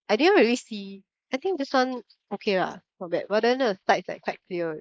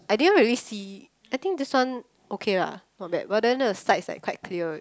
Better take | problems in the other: second | noise reduction (neural mask model Resemble Enhance denoiser)

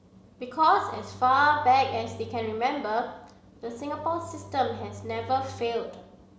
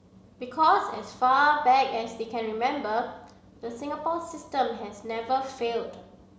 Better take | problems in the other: second | background sound (Bowed string instrument); 17 dB below the speech

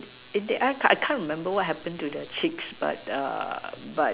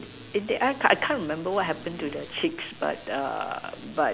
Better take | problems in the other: first | background sound (Accelerating, revving, vroom); 20 dB below the speech

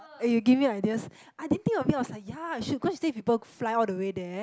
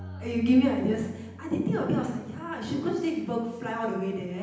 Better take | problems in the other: first | background sound (Bass guitar); 18 dB below the speech // room echo; dies away in 0.9 s

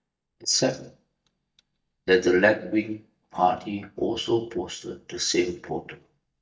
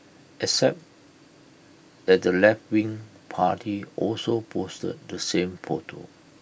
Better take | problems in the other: second | noise reduction (neural mask model DeepFilterNet 3)

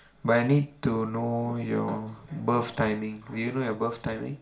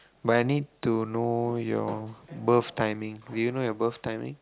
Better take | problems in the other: second | room echo; dies away in 0.4 s

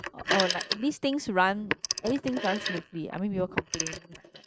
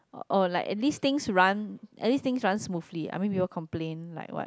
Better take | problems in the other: second | noise reduction (neural mask model RNNoise)

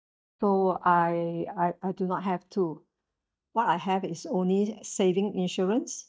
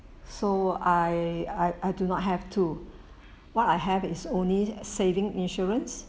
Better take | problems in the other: second | noise reduction (neural mask model DeepFilterNet 3)

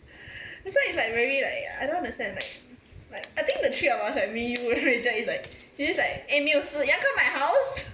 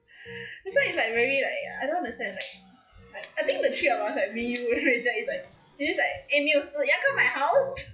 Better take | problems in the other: first | noise reduction (classical method log-MMSE)

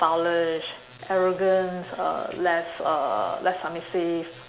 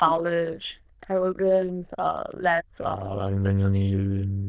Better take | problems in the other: first | noise reduction (neural diffusion model UNIVERSE++)

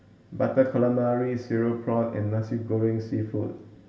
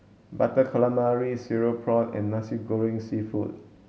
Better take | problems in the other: second | room echo; dies away in 1.7 s

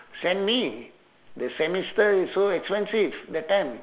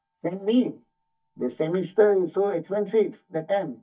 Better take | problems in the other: first | noise reduction (neural mask model DeepFilterNet 3)

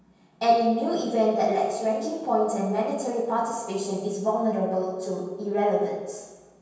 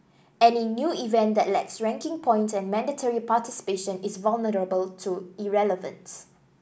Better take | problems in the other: second | room echo; dies away in 1.2 s

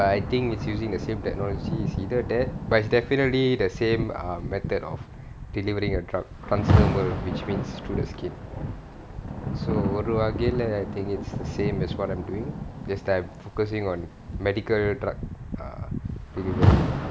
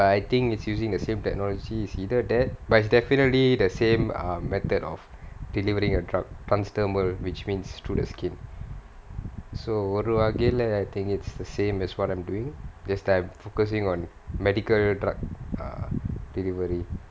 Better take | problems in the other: second | background sound (Rain); 2 dB below the speech

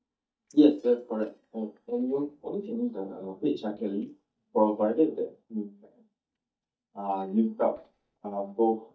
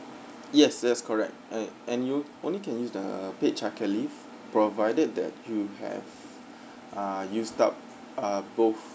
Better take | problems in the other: second | noise reduction (neural mask model DeepFilterNet 3)

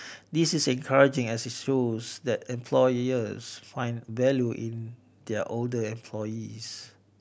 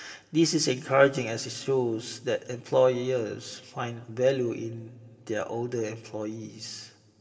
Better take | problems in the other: first | room echo; dies away in 1.4 s

